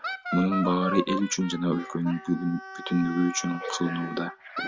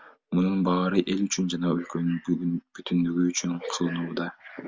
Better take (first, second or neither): second